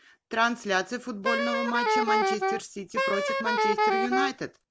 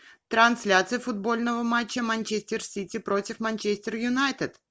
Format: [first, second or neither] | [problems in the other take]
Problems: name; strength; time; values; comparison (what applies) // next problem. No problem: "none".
second | background sound (Wind instrument, woodwind instrument); 4 dB above the speech